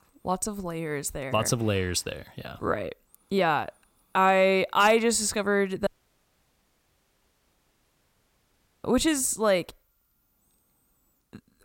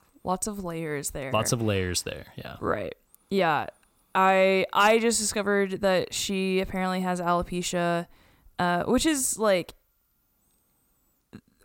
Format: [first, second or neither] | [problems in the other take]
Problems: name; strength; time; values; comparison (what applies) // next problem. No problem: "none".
second | audio cutting out; at 6 s for 3 s